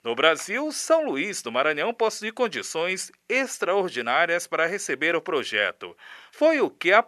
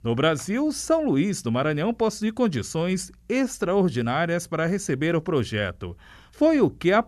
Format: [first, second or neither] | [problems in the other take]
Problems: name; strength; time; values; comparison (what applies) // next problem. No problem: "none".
second | thin; somewhat; fading below 550 Hz